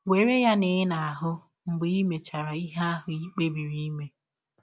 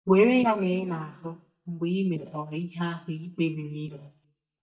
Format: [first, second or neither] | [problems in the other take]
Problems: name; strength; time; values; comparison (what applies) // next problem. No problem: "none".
first | noise reduction (neural mask model DeepFilterNet 3)